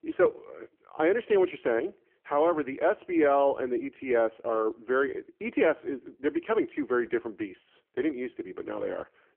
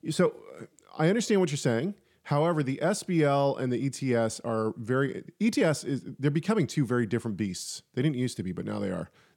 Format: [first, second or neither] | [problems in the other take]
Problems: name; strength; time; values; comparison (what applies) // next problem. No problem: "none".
second | phone-call audio; poor line